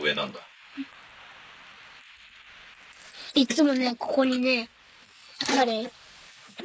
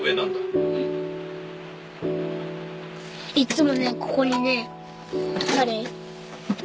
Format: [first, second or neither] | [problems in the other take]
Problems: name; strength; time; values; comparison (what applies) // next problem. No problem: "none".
second | noise reduction (neural mask model Resemble Enhance denoiser)